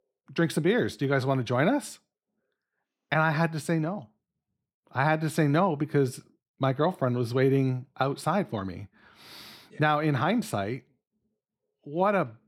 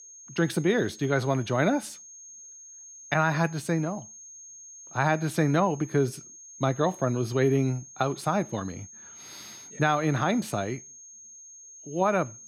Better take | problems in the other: first | high-pitched whine; noticeable; throughout; 6.5 kHz, 20 dB below the speech

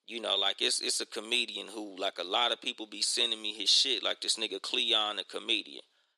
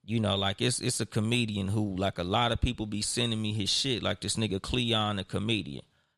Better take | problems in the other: second | thin; very; fading below 300 Hz

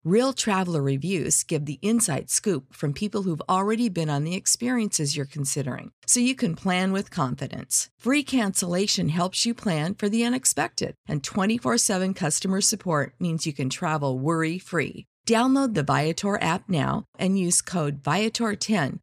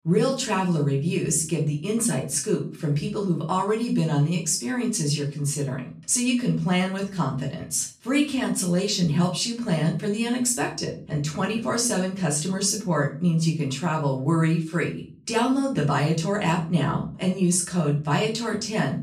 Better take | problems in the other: first | off-mic speech; far // room echo; slight; dies away in 0.4 s

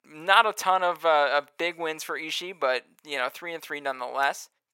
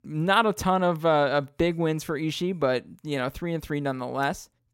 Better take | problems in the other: second | thin; very; fading below 750 Hz

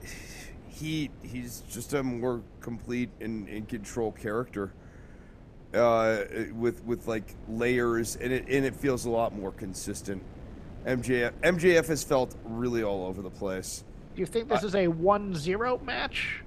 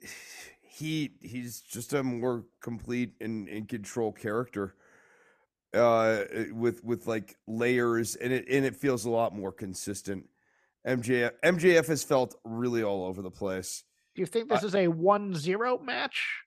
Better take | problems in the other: second | wind noise on the microphone; occasional gusts; 25 dB below the speech

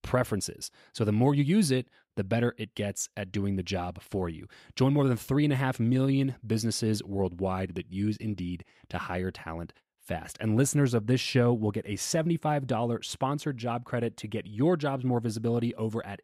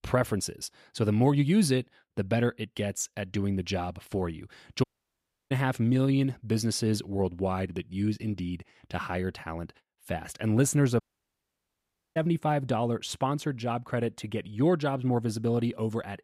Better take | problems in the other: first | audio cutting out; at 5 s for 0.5 s and at 11 s for 1 s

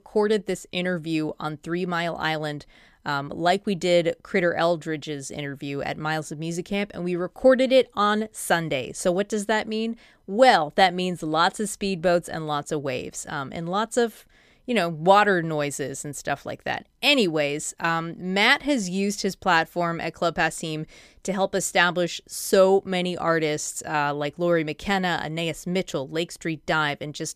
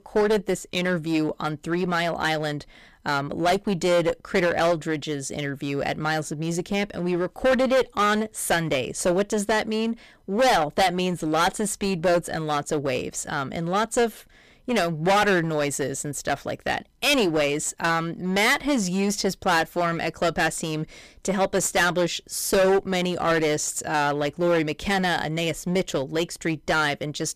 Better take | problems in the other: first | distortion; heavy; 12% of the sound clipped

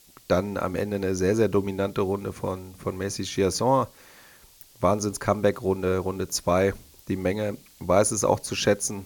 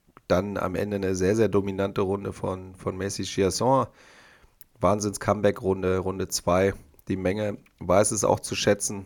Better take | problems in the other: second | hiss; faint; throughout; 25 dB below the speech

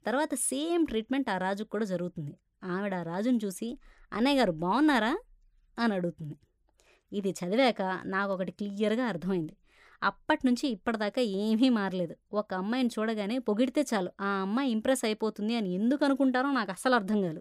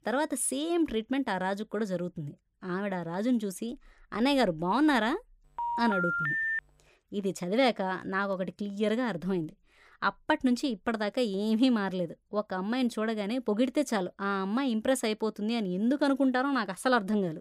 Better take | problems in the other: first | phone ringing; loud; from 5.5 to 6.5 s; peak 1 dB above the speech

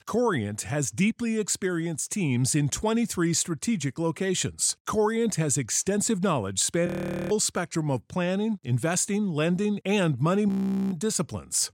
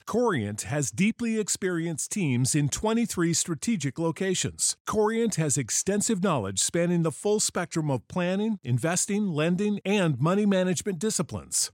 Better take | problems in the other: second | audio freezing; at 7 s and at 10 s

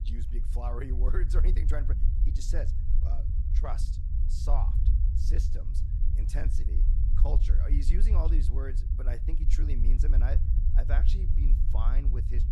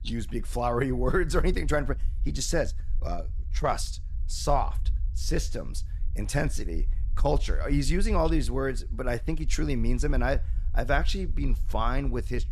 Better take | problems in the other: second | low rumble; loud; throughout; 5 dB below the speech; faint in the second

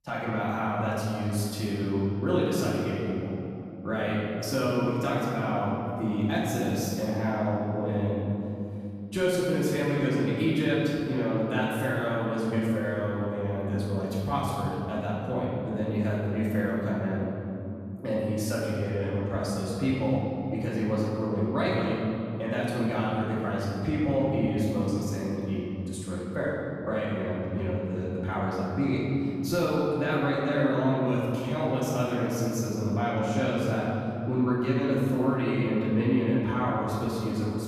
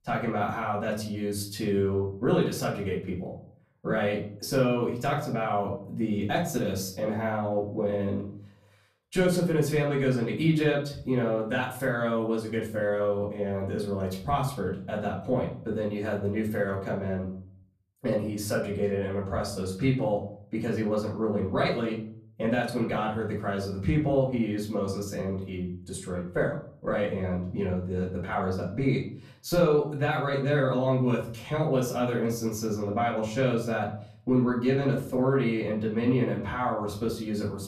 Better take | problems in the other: second | room echo; strong; dies away in 2.9 s; slight in the second // off-mic speech; far; far in the second

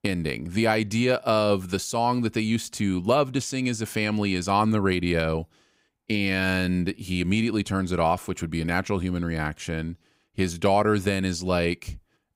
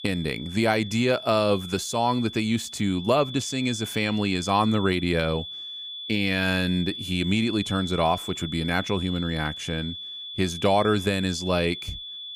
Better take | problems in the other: first | high-pitched whine; loud; throughout; 3.5 kHz, 10 dB below the speech

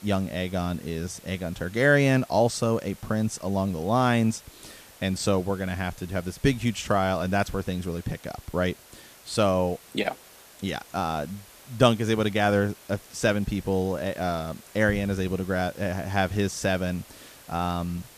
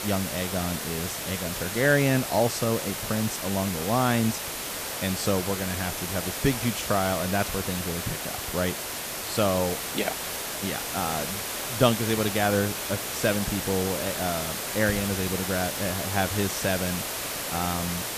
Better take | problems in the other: first | hiss; loud; throughout; 2 dB below the speech; faint in the first

